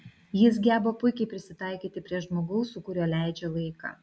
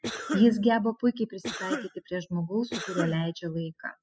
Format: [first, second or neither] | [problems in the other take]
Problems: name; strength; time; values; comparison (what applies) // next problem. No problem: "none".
first | noise reduction (classical method spectral subtraction)